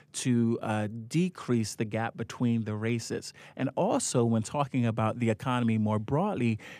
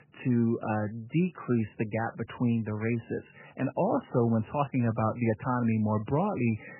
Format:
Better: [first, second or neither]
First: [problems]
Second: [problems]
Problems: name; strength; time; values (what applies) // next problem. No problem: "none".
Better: first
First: none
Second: garbled, watery; badly; nothing above 3 kHz